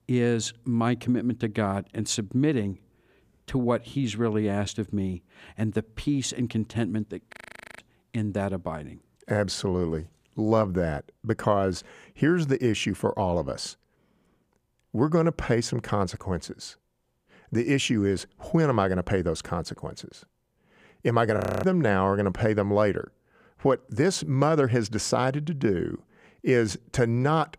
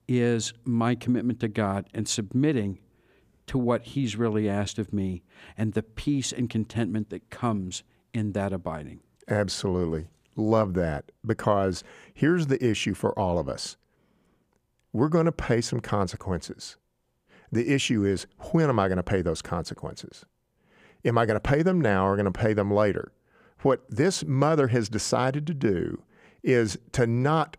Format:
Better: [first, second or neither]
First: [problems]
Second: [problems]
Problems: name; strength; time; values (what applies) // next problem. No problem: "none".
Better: second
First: audio freezing; at 7.5 s and at 21 s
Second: none